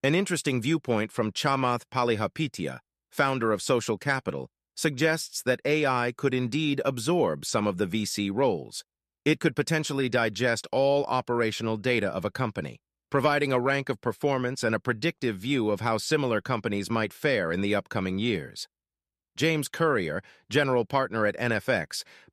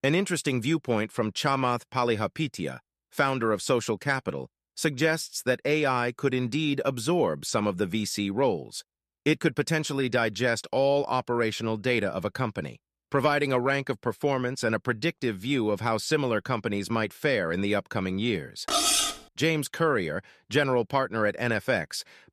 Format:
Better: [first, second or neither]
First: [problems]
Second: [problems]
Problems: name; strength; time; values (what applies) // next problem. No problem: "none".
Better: first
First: none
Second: clattering dishes; loud; at 19 s; peak 6 dB above the speech